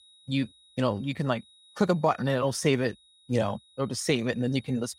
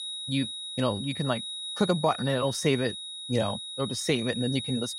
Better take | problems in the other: first | high-pitched whine; loud; throughout; 4 kHz, 6 dB below the speech; faint in the first

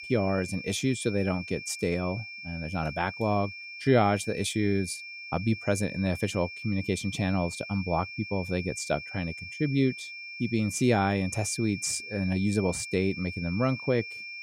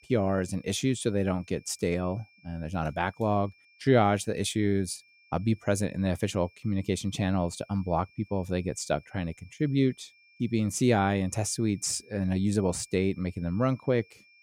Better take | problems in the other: second | high-pitched whine; loud; throughout; 2.5 kHz, 10 dB below the speech; faint in the second

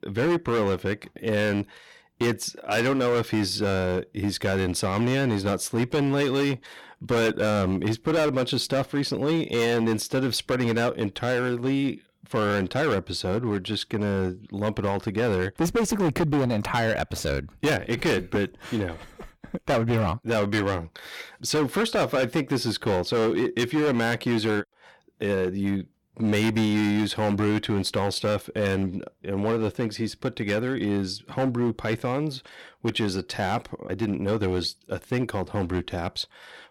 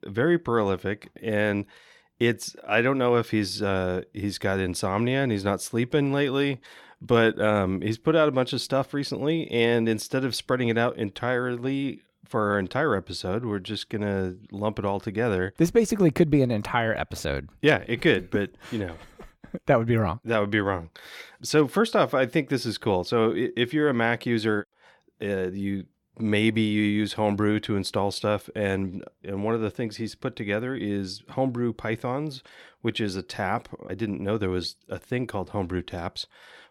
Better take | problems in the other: second | distortion; heavy; 12% of the sound clipped

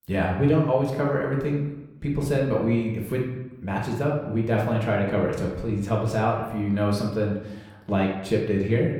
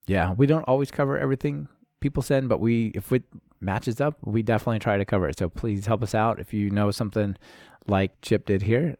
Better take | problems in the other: second | room echo; noticeable; dies away in 0.8 s // off-mic speech; somewhat distant

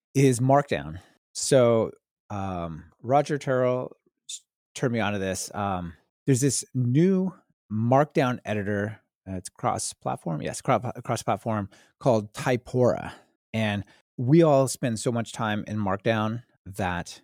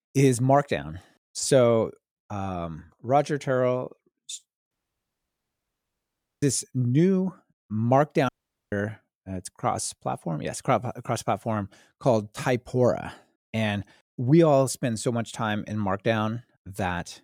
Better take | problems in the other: first | audio cutting out; at 4.5 s for 1.5 s and at 8.5 s

